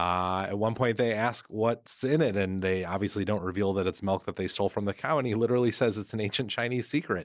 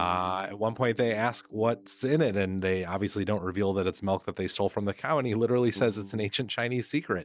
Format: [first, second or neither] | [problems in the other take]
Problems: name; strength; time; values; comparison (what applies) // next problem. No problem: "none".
first | noise reduction (neural mask model DeepFilterNet 3)